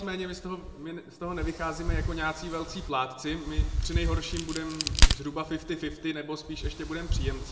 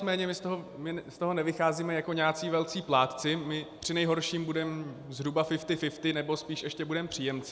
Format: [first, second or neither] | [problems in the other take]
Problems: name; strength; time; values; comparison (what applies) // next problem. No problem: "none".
second | background sound (Crack); 5 dB above the speech // room echo; dies away in 1.3 s